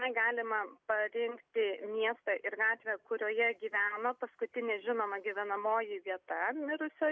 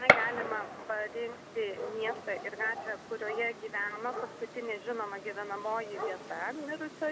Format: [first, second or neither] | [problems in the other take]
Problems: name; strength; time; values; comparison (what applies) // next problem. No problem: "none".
first | background sound (Gunshot, gunfire); as loud as the speech